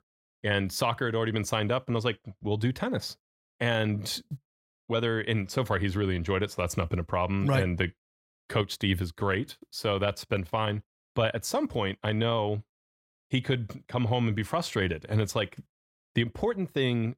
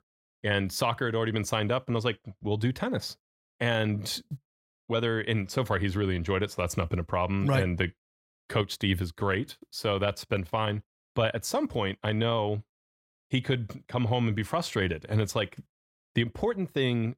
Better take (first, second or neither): neither